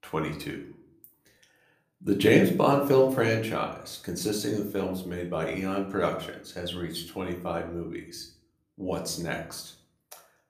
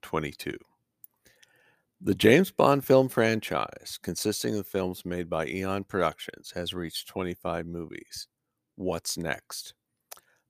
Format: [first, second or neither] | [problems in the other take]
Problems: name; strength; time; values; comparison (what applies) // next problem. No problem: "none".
second | room echo; slight; dies away in 0.5 s // off-mic speech; somewhat distant